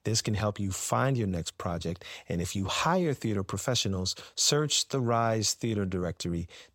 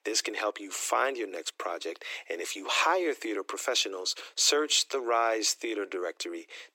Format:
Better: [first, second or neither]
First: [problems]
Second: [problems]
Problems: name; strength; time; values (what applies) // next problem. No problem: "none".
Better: first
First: none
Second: thin; very; fading below 300 Hz